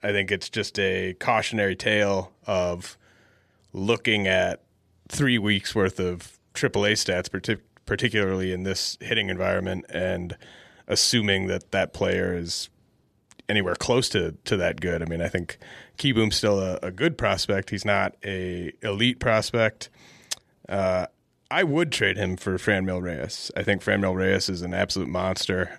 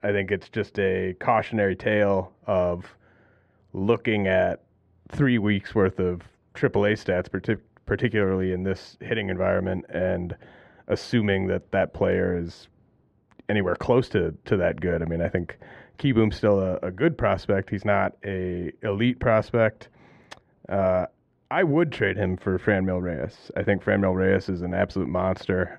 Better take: first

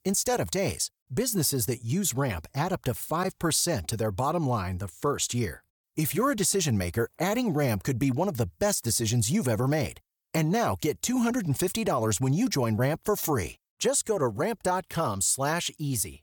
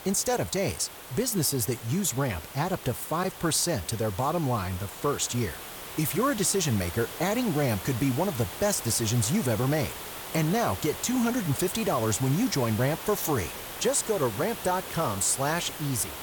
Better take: first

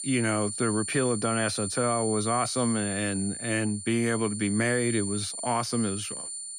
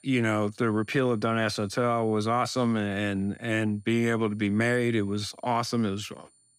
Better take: second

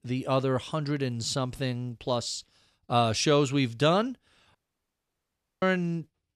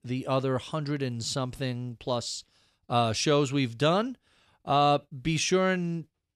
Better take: second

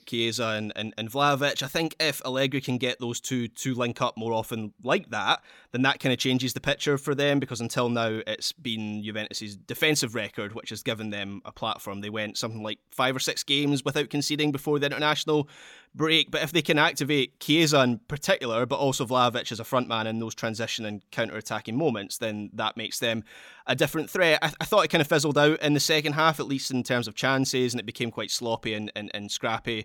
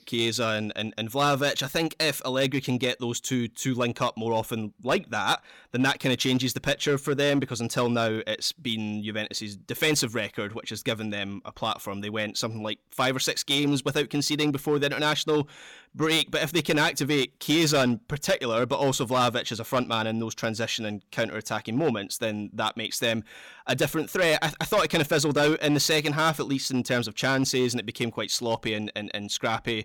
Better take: first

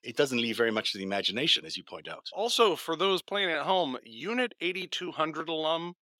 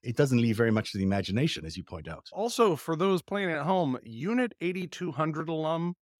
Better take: second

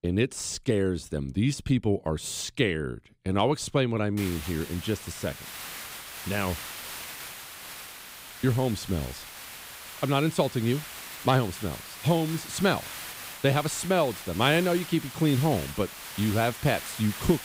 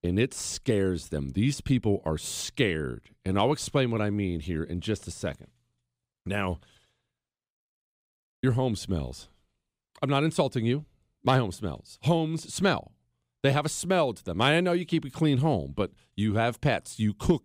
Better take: second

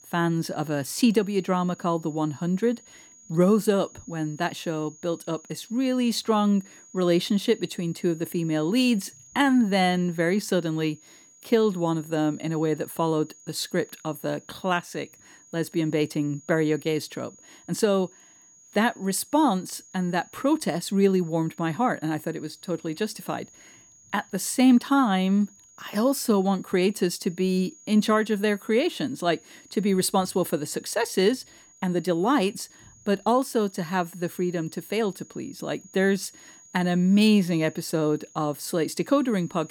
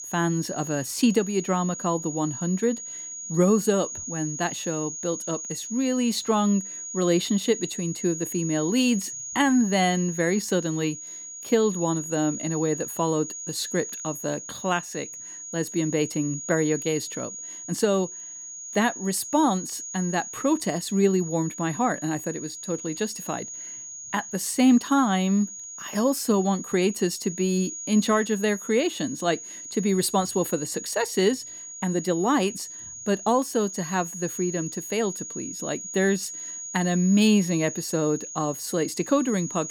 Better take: first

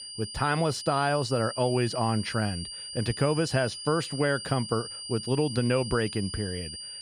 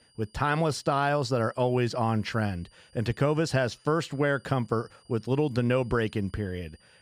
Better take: second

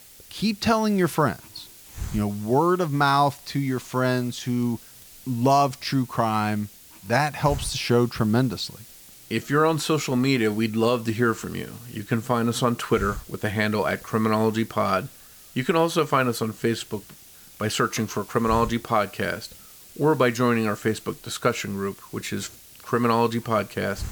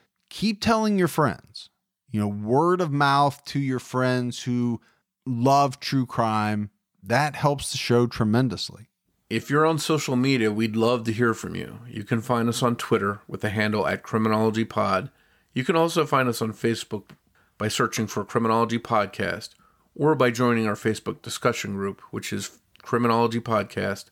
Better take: second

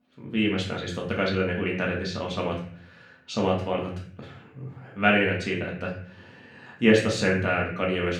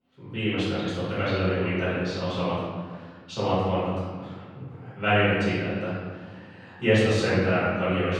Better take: first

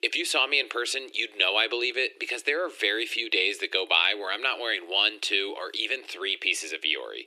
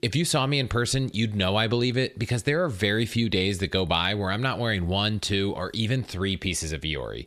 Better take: second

